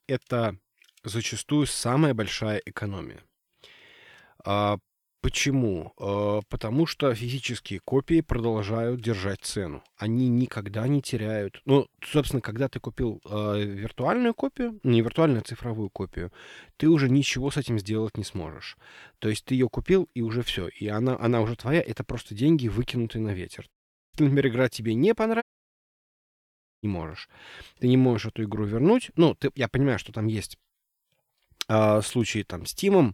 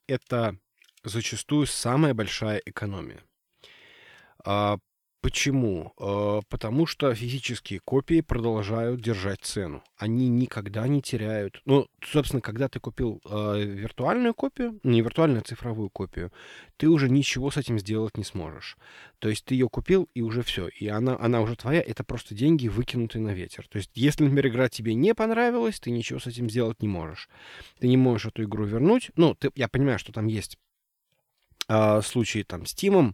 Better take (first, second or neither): second